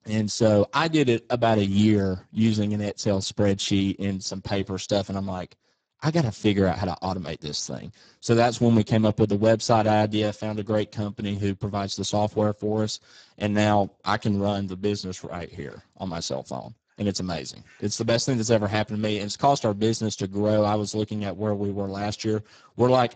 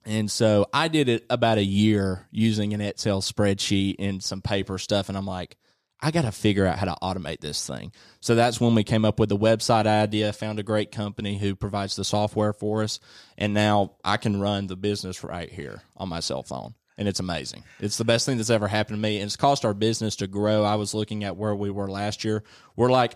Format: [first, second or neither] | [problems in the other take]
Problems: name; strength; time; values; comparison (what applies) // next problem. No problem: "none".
second | garbled, watery; badly; nothing above 7.5 kHz